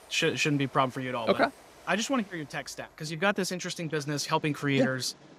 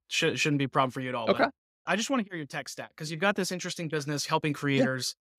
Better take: second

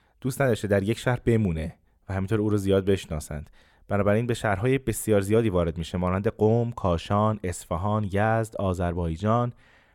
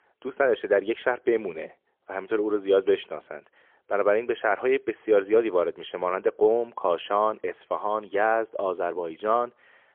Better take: first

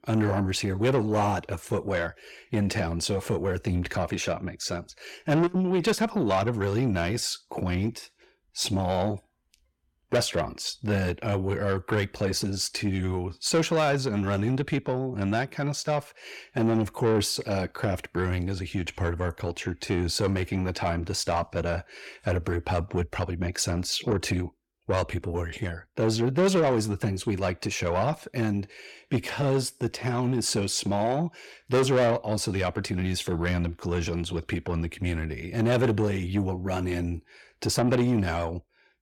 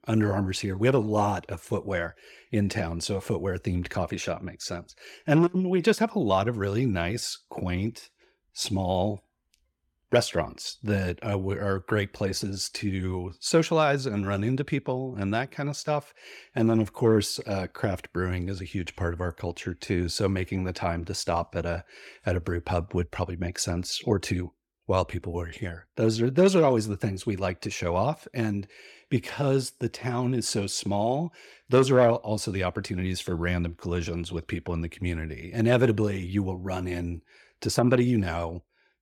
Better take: second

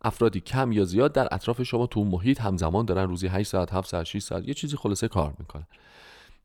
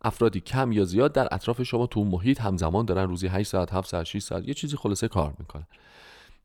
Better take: neither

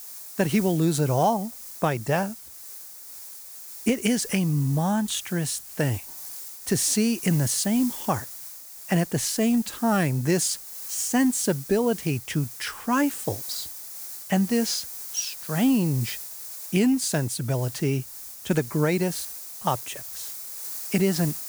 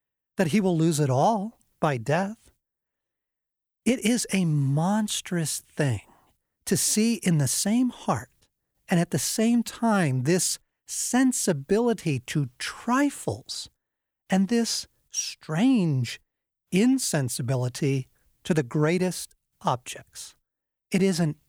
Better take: second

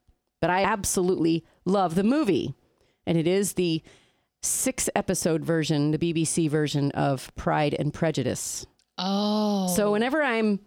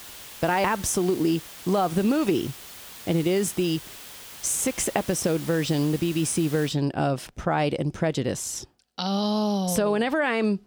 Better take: first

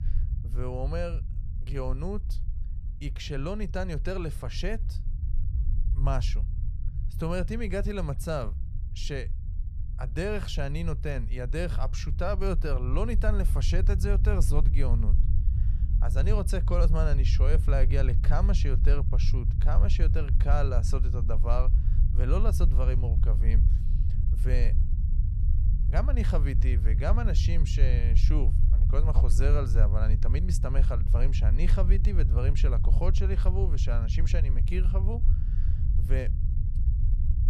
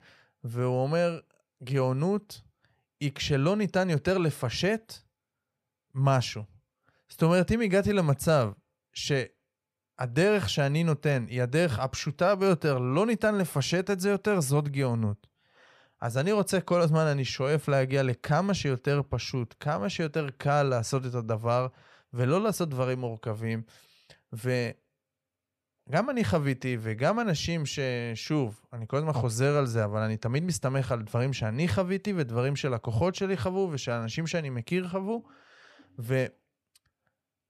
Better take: second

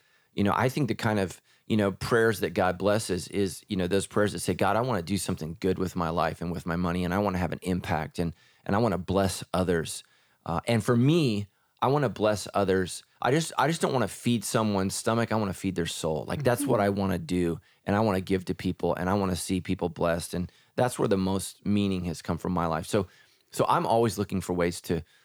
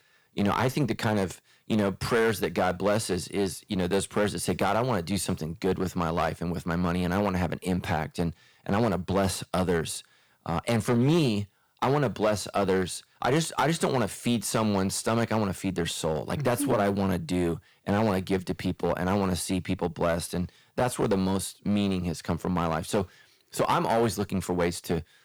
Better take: first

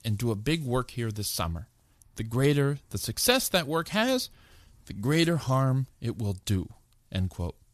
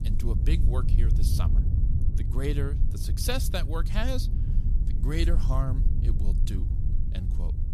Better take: first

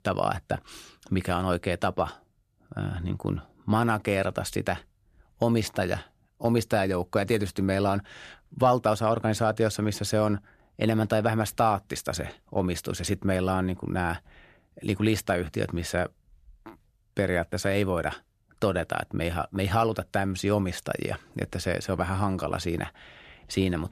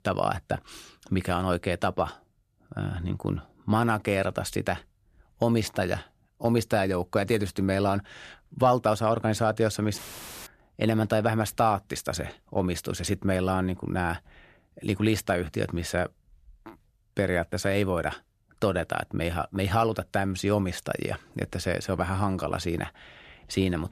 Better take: first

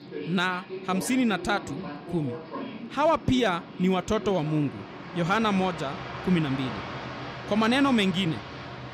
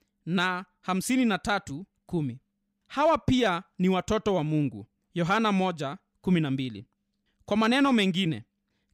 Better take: second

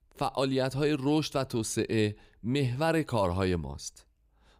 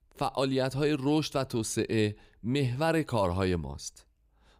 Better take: neither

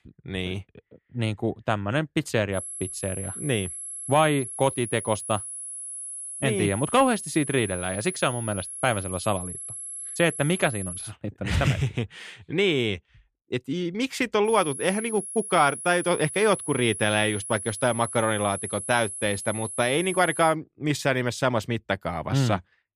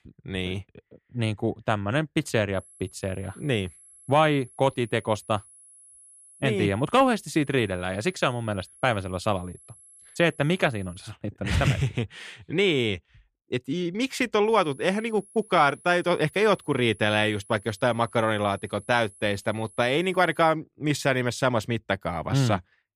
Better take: second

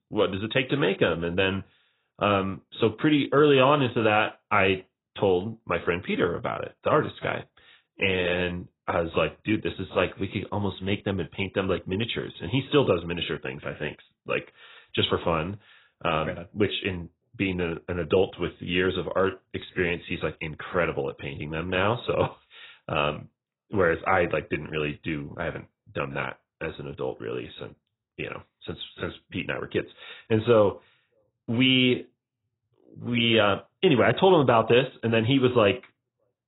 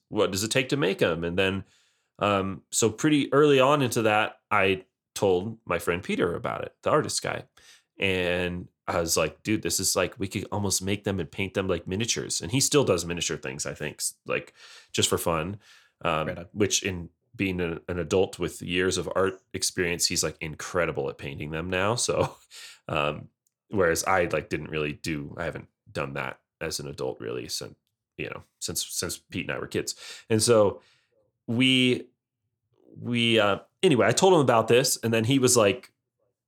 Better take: second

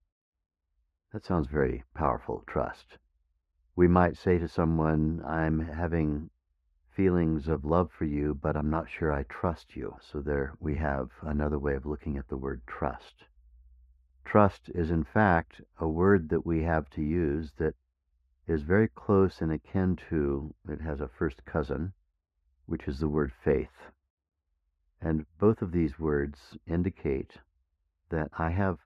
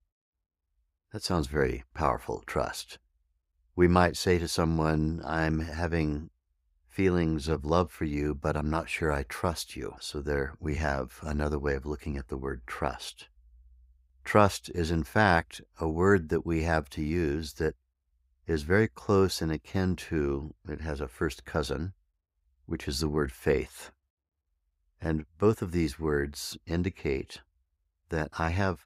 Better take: second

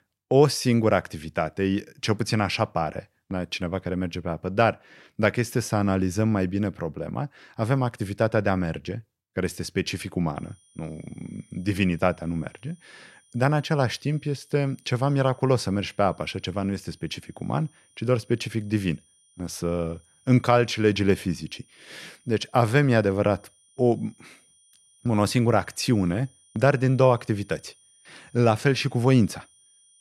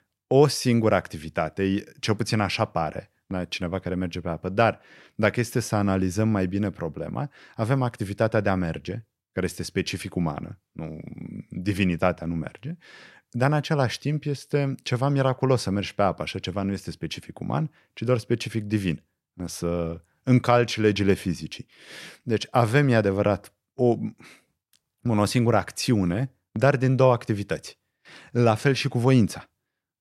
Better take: second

